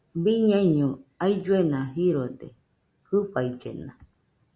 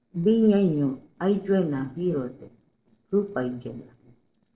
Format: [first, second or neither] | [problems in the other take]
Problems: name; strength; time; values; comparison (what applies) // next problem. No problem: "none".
first | noise reduction (neural separator model SepFormer DNS4)